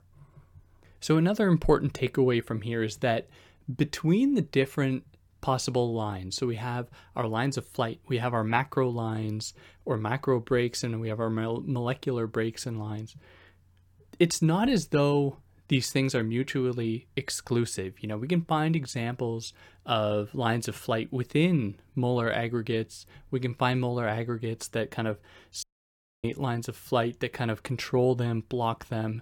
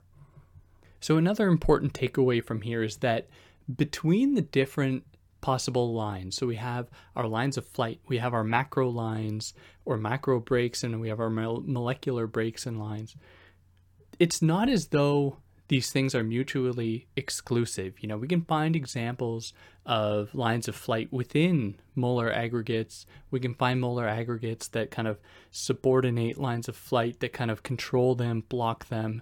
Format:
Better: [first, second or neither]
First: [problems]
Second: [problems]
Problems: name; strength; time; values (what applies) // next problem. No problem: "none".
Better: second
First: audio cutting out; at 26 s for 0.5 s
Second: none